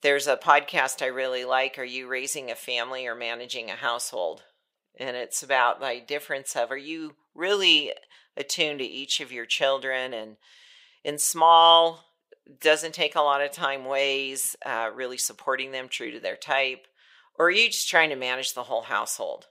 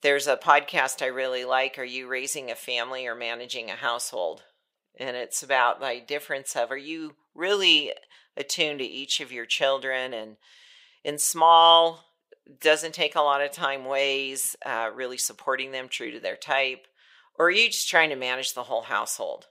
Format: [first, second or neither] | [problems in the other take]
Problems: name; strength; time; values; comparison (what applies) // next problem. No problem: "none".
neither | thin; very; fading below 500 Hz; the same in both